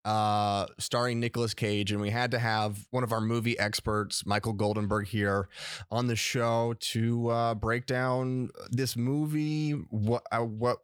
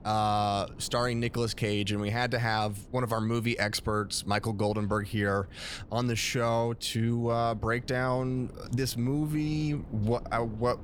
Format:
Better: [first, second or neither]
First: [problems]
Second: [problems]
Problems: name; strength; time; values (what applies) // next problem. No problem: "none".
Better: first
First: none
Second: wind noise on the microphone; occasional gusts; 25 dB below the speech